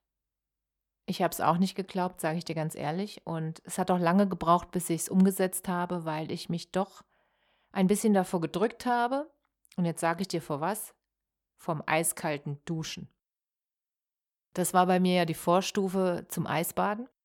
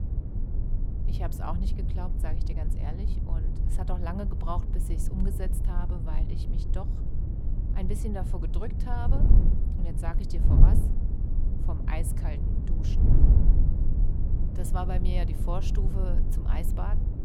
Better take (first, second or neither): first